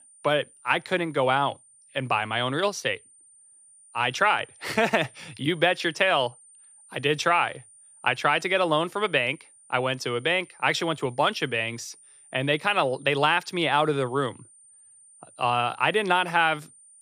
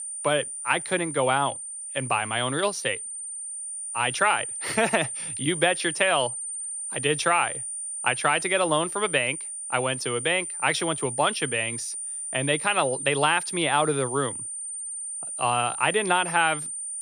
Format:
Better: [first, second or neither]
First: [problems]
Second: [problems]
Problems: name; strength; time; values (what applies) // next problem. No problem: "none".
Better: first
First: high-pitched whine; faint; throughout; 9 kHz, 25 dB below the speech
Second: high-pitched whine; loud; throughout; 9 kHz, 6 dB below the speech